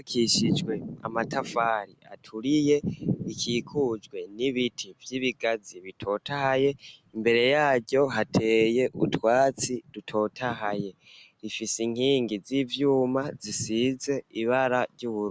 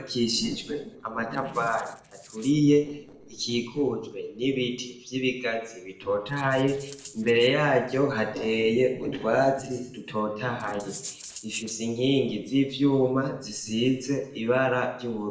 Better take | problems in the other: first | noise reduction (neural separator model SepFormer DNS4)

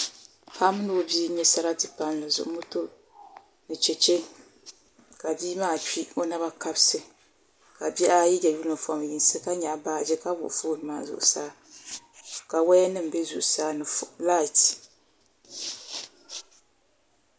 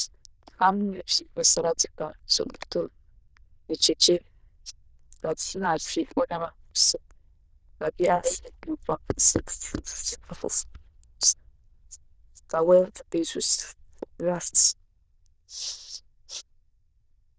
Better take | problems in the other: first | noise reduction (neural diffusion model UNIVERSE++)

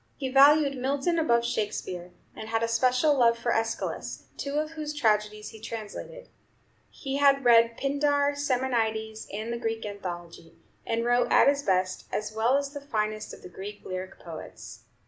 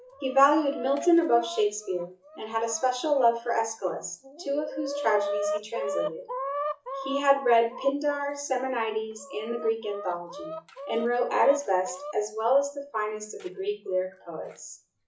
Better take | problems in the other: first | noise reduction (classical method WPE with log-MMSE)

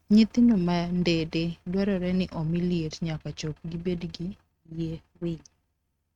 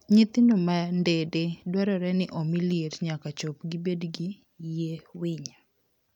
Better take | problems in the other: second | noise reduction (neural mask model RNNoise)

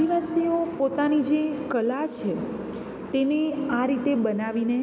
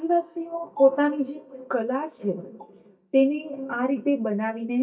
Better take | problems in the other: first | noise reduction (neural mask model DeepFilterNet 3)

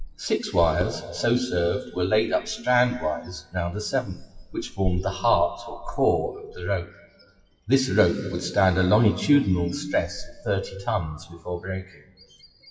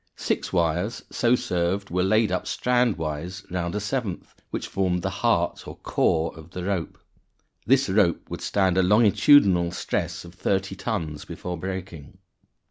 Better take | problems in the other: second | noise reduction (classical method WPE with log-MMSE)

